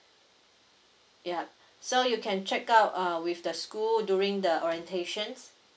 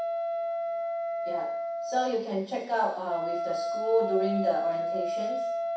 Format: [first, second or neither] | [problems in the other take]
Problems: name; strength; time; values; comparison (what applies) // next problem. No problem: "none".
first | background sound (Wind instrument, woodwind instrument); as loud as the speech // room echo; dies away in 0.6 s